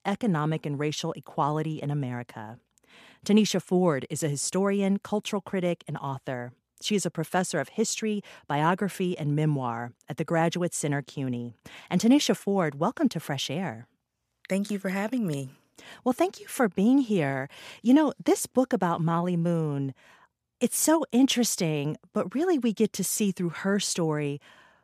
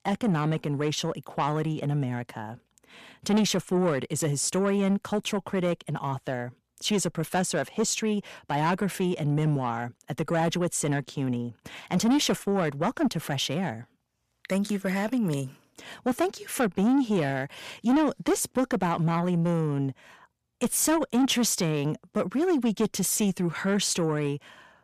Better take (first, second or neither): first